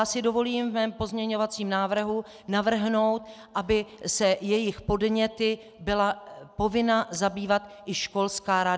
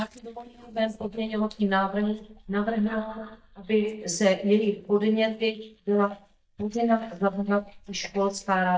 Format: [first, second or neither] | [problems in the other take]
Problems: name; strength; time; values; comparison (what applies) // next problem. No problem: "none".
first | noise reduction (neural mask model DeepFilterNet 3)